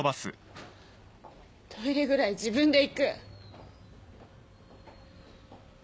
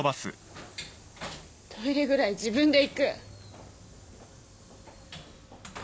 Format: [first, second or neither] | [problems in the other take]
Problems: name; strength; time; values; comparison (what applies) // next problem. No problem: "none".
first | background sound (Train); 18 dB below the speech